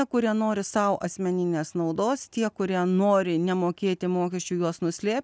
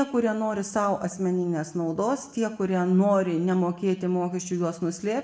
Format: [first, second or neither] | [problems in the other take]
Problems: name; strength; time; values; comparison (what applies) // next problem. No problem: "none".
first | room echo; dies away in 0.6 s